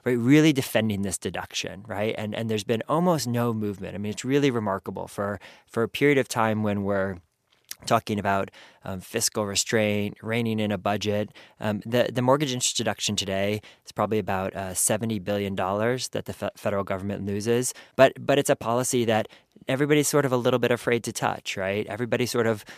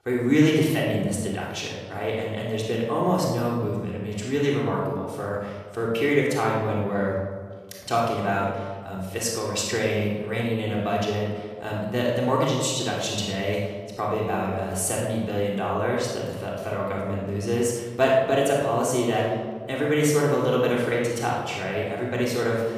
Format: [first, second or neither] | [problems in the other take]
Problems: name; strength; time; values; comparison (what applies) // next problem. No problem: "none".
first | off-mic speech; far // room echo; noticeable; dies away in 1.4 s